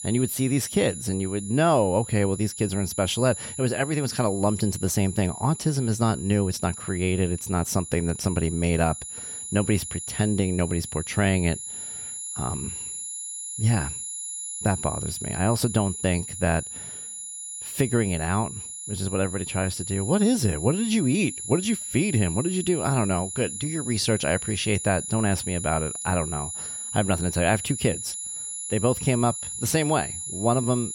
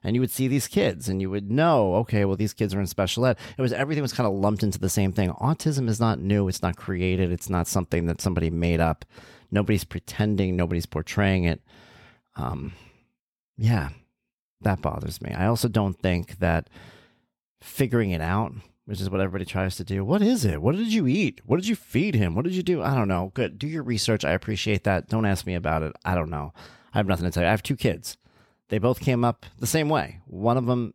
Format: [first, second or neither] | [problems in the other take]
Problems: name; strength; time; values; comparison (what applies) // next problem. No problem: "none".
second | high-pitched whine; loud; throughout; 10.5 kHz, 7 dB below the speech